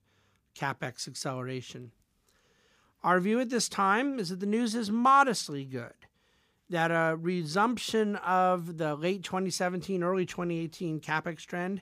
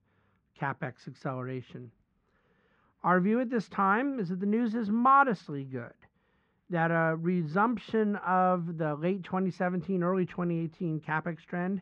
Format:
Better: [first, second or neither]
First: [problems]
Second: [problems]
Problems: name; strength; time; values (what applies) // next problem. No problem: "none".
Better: first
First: none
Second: muffled; very; fading above 1.5 kHz